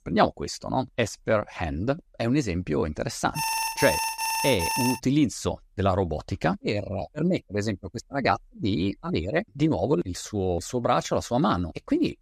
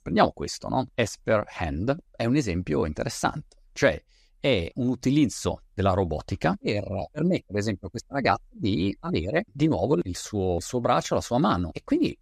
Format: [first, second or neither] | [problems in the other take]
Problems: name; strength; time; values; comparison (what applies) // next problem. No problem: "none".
second | alarm; loud; from 3.5 to 5 s; peak level with the speech